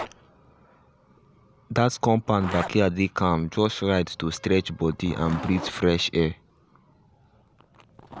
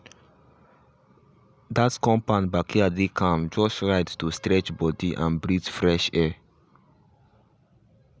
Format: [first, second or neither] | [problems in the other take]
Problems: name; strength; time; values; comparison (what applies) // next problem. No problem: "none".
second | background sound (Zipper (clothing)); 16 dB below the speech